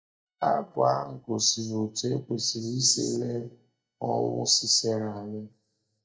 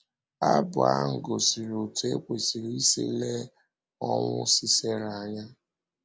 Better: second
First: noise reduction (neural mask model DeepFilterNet 3)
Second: none

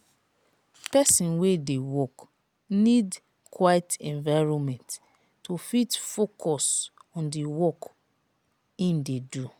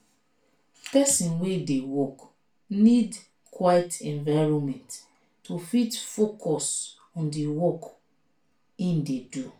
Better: first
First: none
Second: room echo; dies away in 0.3 s

